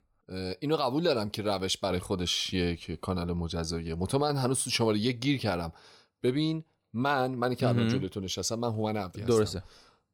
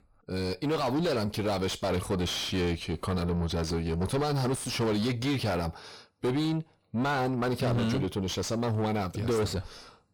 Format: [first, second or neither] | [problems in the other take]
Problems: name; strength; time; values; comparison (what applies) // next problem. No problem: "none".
first | distortion; heavy; 7 dB below the speech